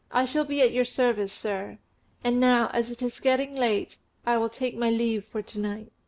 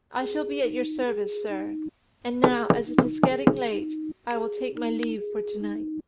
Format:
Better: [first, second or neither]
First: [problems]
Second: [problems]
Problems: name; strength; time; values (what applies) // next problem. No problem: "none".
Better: first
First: none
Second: background sound (Siren + Knock / Wood); 3 dB above the speech